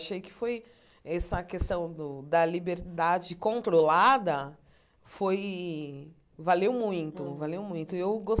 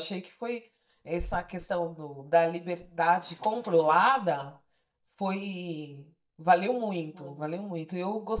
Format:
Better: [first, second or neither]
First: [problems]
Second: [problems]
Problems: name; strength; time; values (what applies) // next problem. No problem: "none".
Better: first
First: none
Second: noise reduction (neural mask model DeepFilterNet 3)